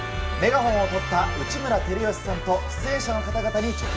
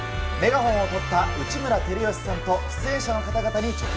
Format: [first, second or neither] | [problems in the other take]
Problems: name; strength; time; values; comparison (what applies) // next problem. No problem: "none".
second | room echo; dies away in 0.3 s